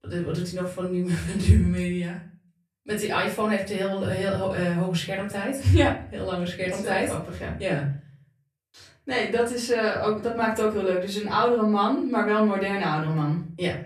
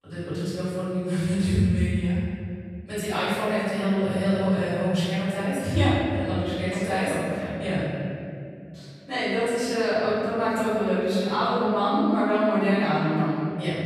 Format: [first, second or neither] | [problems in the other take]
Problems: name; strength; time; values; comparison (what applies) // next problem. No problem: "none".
first | room echo; strong; dies away in 2.5 s; slight in the first // off-mic speech; far; far in the first